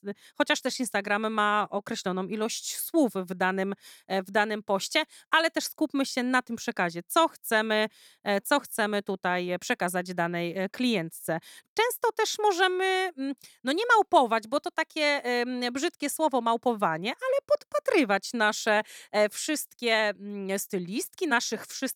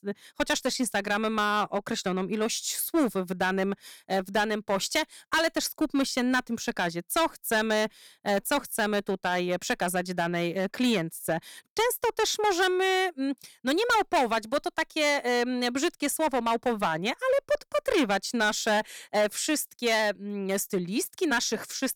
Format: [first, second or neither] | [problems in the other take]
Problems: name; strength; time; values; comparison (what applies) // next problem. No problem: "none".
first | distortion; heavy; 8% of the sound clipped